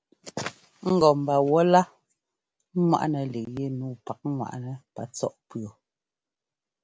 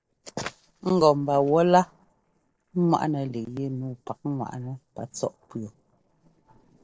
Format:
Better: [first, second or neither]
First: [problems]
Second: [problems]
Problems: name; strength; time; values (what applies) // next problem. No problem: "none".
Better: first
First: none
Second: noise reduction (neural separator model SepFormer DNS4)